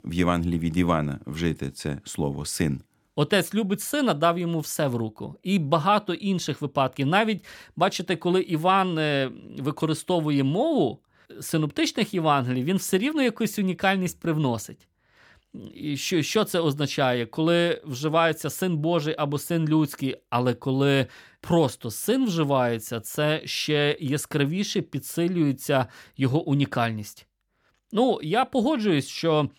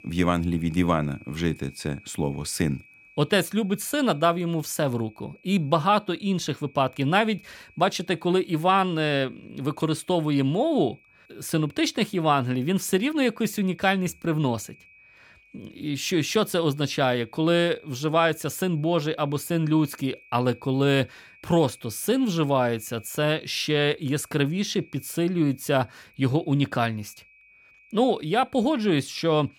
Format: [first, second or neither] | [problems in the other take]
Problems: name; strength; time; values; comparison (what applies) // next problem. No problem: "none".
first | high-pitched whine; faint; throughout; 2.5 kHz, 30 dB below the speech